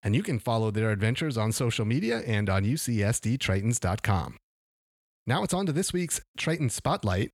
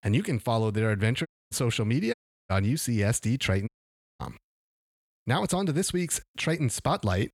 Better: first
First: none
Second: audio cutting out; at 1.5 s, at 2 s and at 3.5 s for 0.5 s

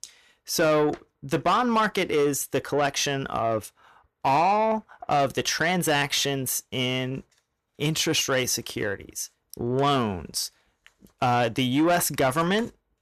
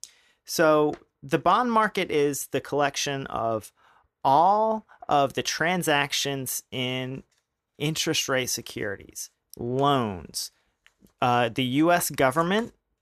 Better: second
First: distortion; slight; 10 dB below the speech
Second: none

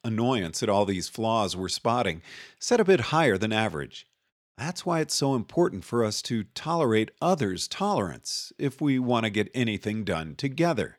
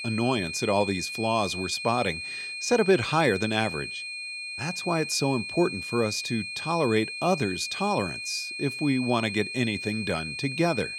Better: first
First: none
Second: high-pitched whine; loud; throughout; 2.5 kHz, 6 dB below the speech

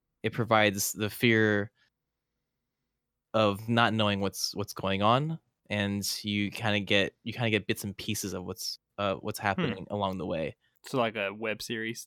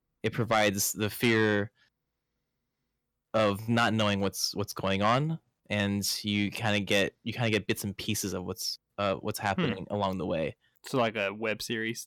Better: first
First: none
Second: distortion; slight; 10 dB below the speech

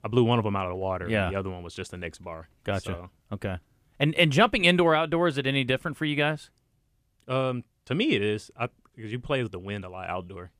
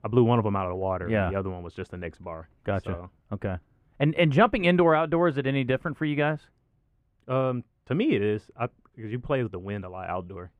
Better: first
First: none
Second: muffled; very; fading above 3 kHz

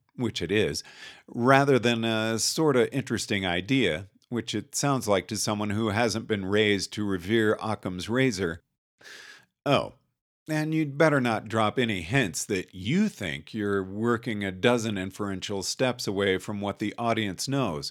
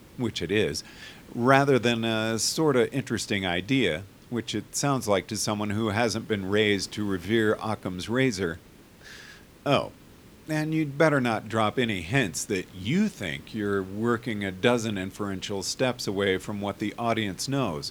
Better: first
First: none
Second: hiss; faint; throughout; 25 dB below the speech

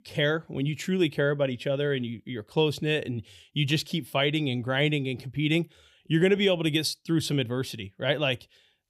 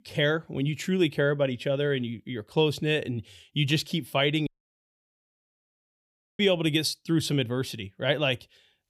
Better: first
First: none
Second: audio cutting out; at 4.5 s for 2 s

